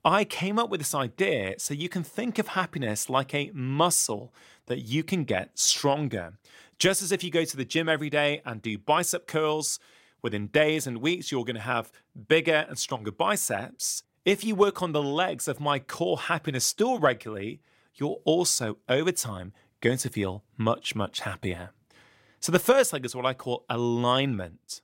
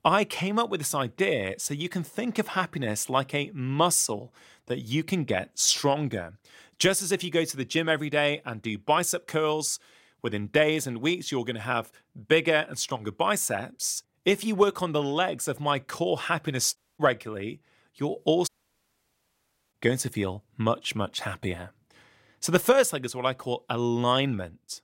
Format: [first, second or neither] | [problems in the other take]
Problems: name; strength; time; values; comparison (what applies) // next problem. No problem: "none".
first | audio cutting out; at 17 s and at 18 s for 1.5 s